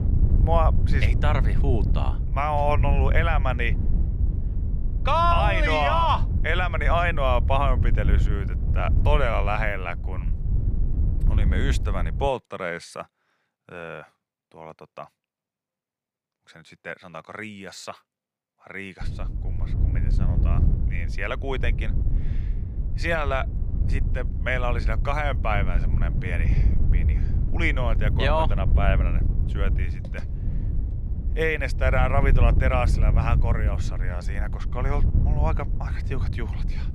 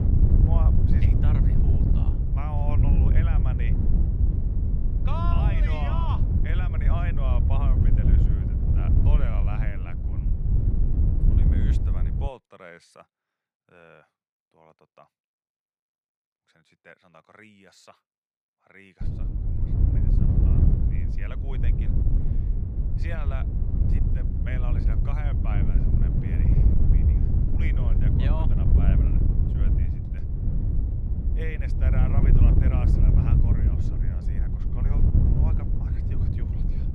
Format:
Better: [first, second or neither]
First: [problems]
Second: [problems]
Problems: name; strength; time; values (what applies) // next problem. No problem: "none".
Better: first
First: wind noise on the microphone; occasional gusts; until 12 s and from 19 s on; 15 dB below the speech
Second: wind noise on the microphone; heavy; until 12 s and from 19 s on; 2 dB above the speech